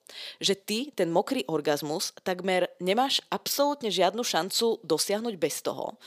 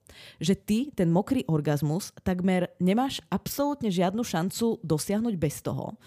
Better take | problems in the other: second | thin; somewhat; fading below 450 Hz

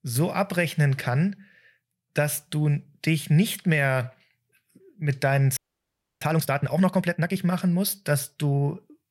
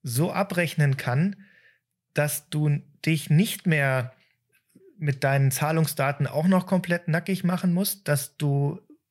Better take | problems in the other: second | audio freezing; at 5.5 s for 0.5 s

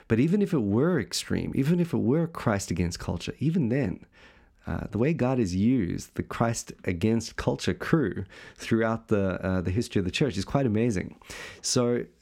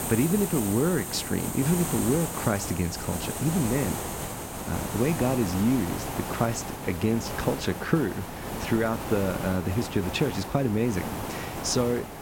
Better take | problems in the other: first | hiss; loud; throughout; 6 dB below the speech

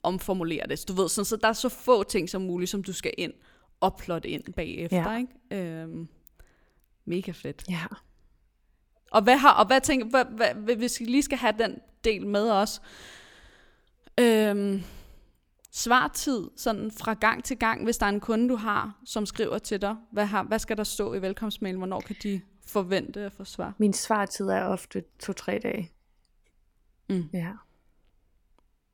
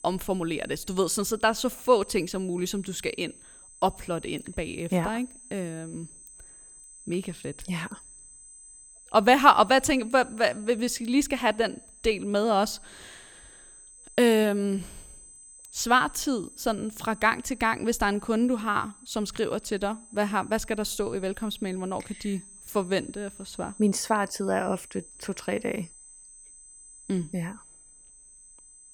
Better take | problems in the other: first | high-pitched whine; faint; throughout; 8 kHz, 20 dB below the speech

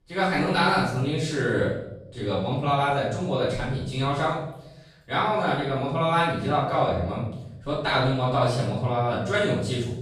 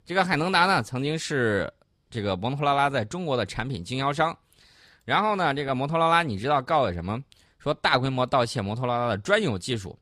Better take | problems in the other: second | room echo; noticeable; dies away in 0.8 s // off-mic speech; far

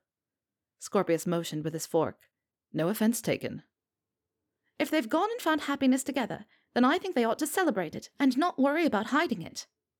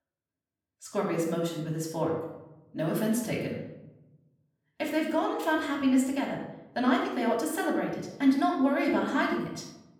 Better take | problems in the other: first | off-mic speech; far // room echo; noticeable; dies away in 0.7 s

